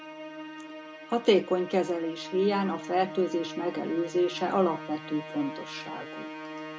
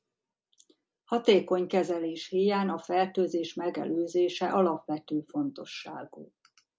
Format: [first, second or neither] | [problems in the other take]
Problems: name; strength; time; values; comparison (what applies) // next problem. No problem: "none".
second | background sound (Musical instrument); 12 dB below the speech